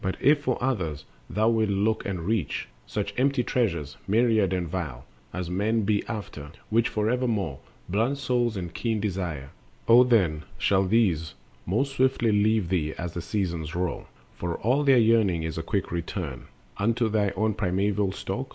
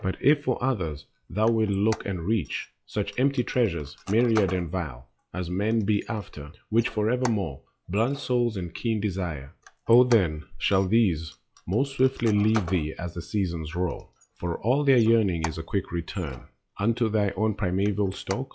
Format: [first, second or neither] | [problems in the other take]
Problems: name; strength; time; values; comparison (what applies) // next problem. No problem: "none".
first | noise reduction (classical method log-MMSE)